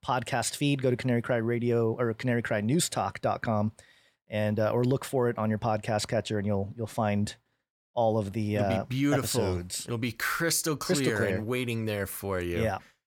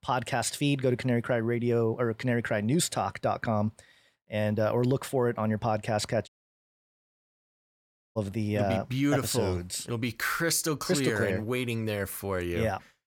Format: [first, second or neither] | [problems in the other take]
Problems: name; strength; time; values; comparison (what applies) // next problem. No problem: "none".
first | audio cutting out; at 6.5 s for 2 s